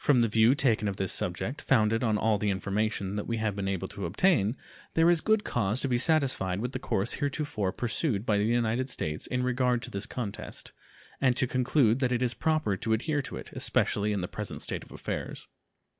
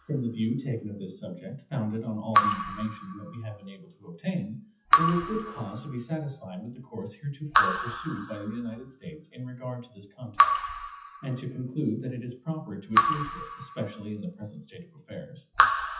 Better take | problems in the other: first | noise reduction (classical method WPE with log-MMSE)

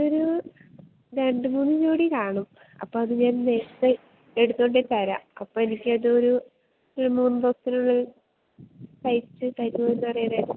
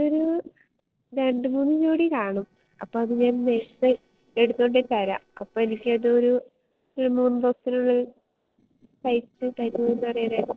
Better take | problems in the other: first | noise reduction (neural separator model SepFormer DNS4)

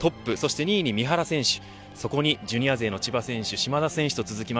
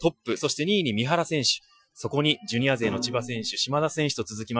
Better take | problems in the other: first | noise reduction (classical method Wiener filter)

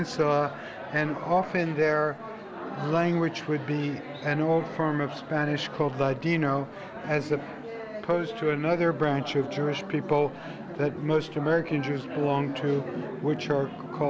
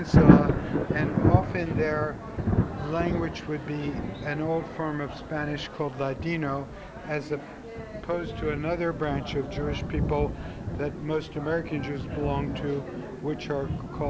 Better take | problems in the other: first | background sound (Thunder); 2 dB above the speech

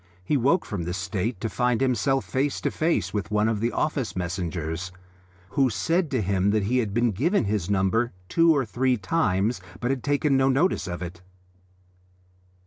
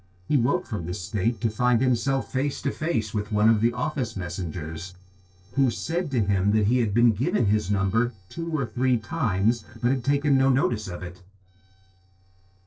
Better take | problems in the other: first | noise reduction (neural separator model SepFormer DNS4)

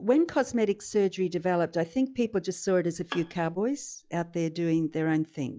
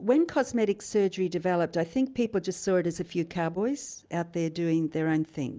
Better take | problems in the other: second | noise reduction (classical method log-MMSE)

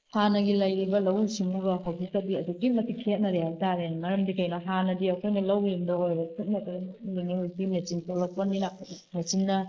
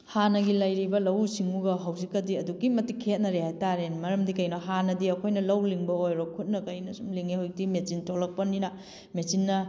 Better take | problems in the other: second | noise reduction (neural mask model Resemble Enhance denoiser)

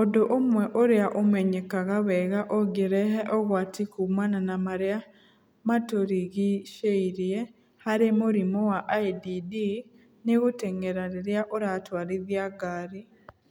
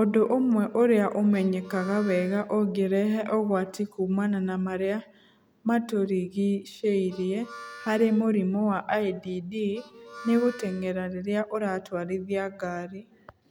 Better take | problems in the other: first | background sound (Harmonica); 20 dB below the speech

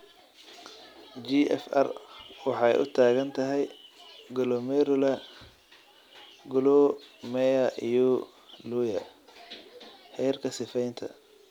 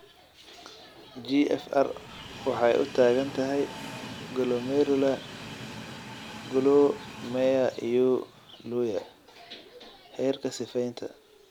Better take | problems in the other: first | background sound (Train); 16 dB below the speech

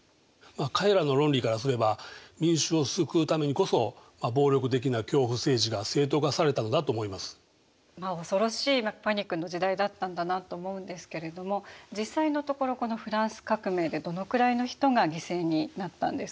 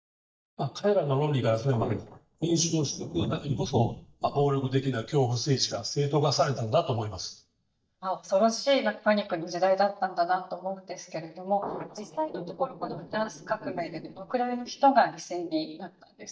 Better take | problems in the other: first | noise reduction (neural mask model DeepFilterNet 3)

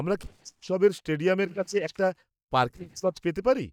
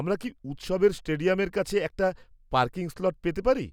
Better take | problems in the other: second | noise reduction (neural mask model DeepFilterNet 3)

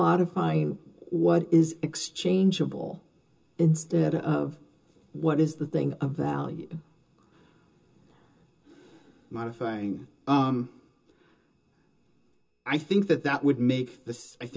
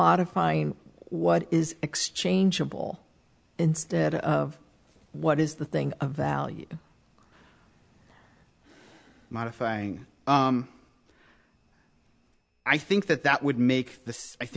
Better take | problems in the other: second | room echo; dies away in 0.2 s

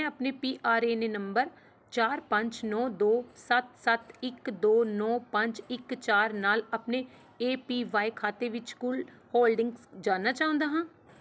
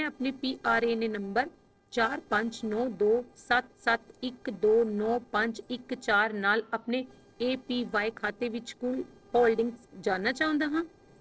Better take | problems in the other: first | noise reduction (neural separator model SepFormer DNS4)

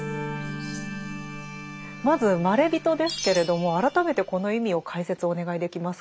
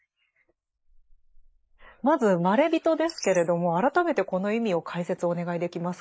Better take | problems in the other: first | noise reduction (neural mask model Resemble Enhance denoiser)

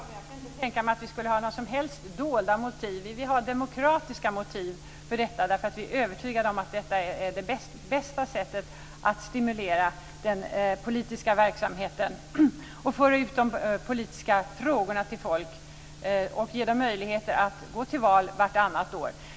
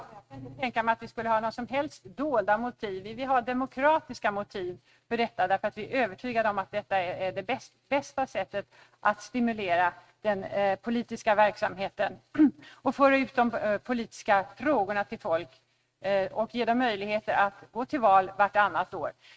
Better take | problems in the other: first | noise reduction (neural mask model RNNoise)

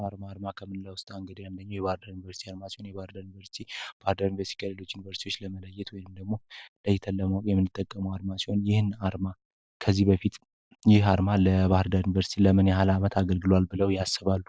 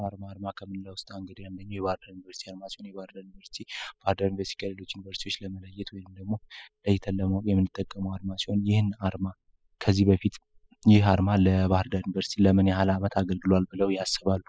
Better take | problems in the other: first | noise reduction (classical method spectral subtraction)

